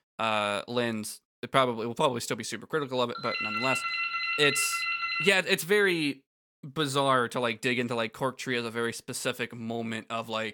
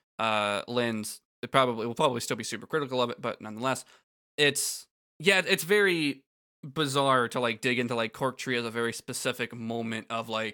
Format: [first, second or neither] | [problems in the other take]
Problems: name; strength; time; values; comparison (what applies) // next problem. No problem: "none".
second | phone ringing; loud; from 3 to 5.5 s; peak level with the speech